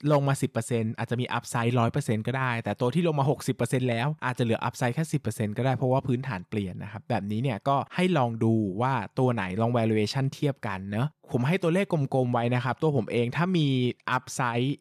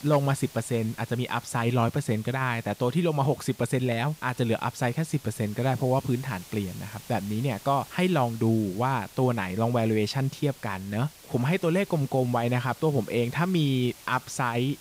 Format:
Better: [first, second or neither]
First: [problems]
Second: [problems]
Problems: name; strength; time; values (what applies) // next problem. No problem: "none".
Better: first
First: none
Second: hiss; noticeable; throughout; 20 dB below the speech